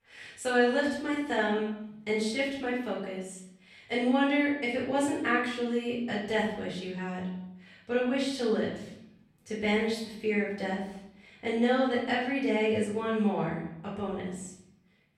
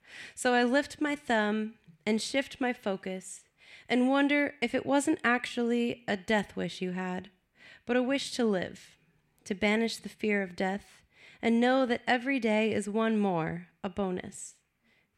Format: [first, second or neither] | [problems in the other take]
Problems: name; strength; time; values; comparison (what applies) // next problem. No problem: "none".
second | off-mic speech; far // room echo; noticeable; dies away in 0.7 s